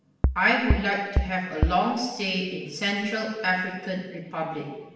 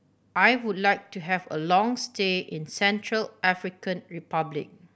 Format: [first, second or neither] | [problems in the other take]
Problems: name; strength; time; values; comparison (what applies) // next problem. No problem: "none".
second | background sound (Bass drum); 1 dB above the speech // room echo; dies away in 1 s